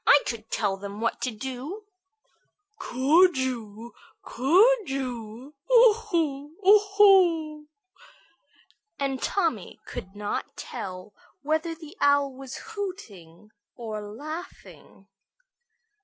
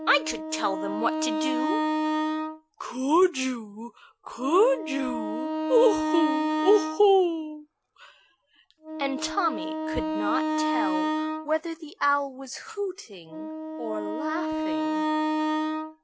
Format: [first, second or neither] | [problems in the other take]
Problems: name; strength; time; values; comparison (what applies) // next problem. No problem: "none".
first | background sound (Wind instrument, woodwind instrument); 2 dB below the speech